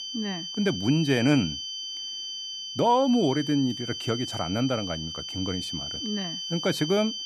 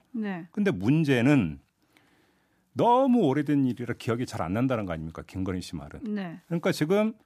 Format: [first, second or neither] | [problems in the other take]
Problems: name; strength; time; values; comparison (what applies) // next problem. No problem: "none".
second | high-pitched whine; loud; throughout; 3 kHz, 6 dB below the speech